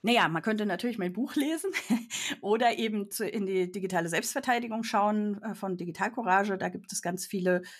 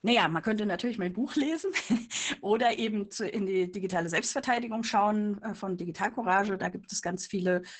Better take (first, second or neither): first